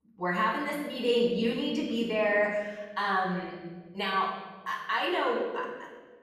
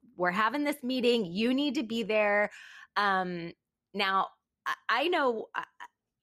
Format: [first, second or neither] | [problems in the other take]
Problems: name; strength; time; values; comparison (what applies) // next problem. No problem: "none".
second | off-mic speech; far // room echo; noticeable; dies away in 1.4 s